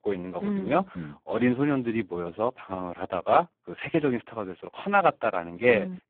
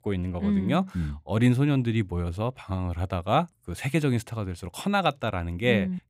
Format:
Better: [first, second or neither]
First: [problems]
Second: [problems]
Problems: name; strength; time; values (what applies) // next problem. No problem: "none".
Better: second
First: phone-call audio; poor line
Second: none